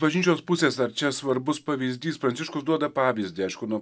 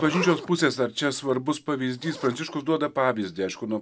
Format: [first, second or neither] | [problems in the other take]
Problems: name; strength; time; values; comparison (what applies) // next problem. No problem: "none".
first | background sound (Zipper (clothing)); 15 dB below the speech